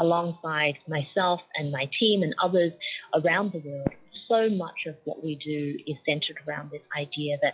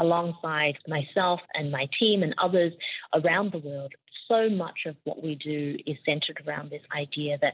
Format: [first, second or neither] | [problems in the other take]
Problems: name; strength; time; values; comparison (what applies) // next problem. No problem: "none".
second | noise reduction (classical method log-MMSE)